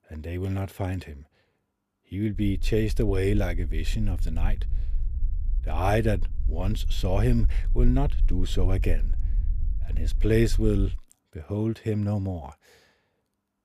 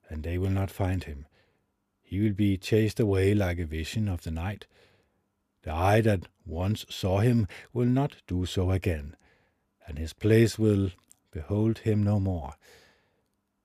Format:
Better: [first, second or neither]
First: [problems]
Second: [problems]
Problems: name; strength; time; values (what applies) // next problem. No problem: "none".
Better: second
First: low rumble; faint; from 2.5 to 11 s; 20 dB below the speech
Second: none